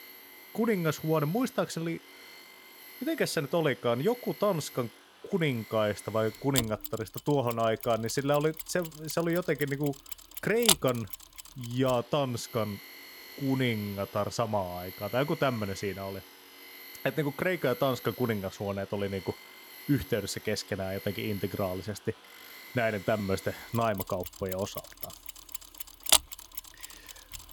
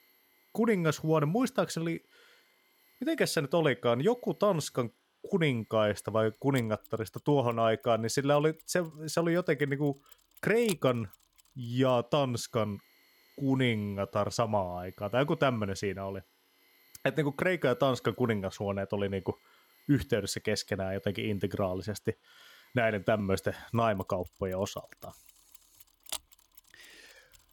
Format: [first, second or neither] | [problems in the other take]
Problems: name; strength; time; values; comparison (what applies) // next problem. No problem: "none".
second | machinery noise; loud; throughout; 6 dB below the speech; faint in the second